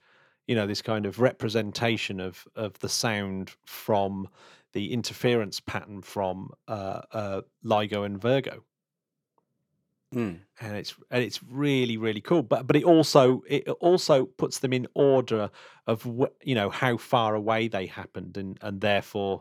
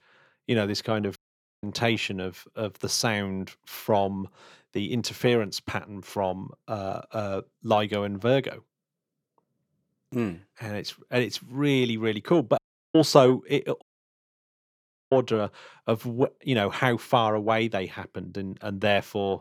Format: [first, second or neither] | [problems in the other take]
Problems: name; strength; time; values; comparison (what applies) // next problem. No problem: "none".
first | audio cutting out; at 1 s, at 13 s and at 14 s for 1.5 s